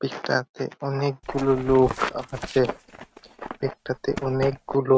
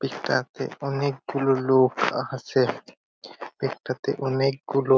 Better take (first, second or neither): second